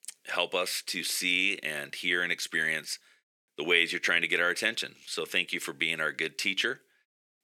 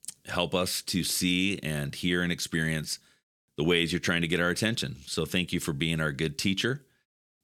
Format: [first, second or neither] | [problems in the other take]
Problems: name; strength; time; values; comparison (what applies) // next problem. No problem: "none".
second | thin; very; fading below 450 Hz